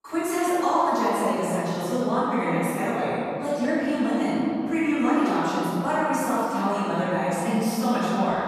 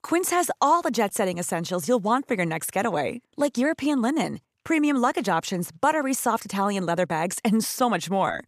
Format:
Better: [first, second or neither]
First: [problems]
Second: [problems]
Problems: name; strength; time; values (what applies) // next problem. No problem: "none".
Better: second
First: off-mic speech; far // room echo; strong; dies away in 2.6 s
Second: none